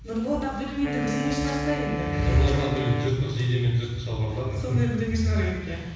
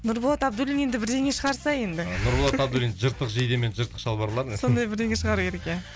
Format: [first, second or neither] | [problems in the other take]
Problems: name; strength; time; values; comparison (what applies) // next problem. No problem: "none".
second | background sound (Wind instrument, woodwind instrument); 6 dB below the speech // room echo; dies away in 1.1 s